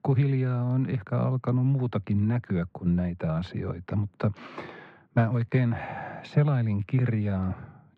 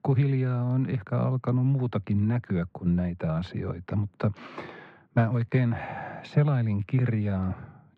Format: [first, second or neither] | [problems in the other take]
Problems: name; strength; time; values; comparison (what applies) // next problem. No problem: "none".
neither | muffled; very; fading above 1.5 kHz; the same in both